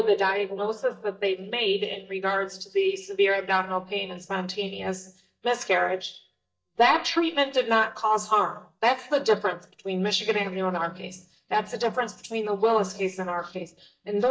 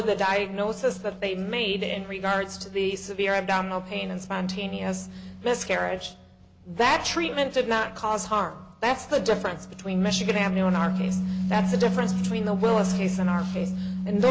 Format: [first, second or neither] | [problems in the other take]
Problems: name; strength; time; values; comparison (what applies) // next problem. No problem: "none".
second | noise reduction (neural mask model DeepFilterNet 3)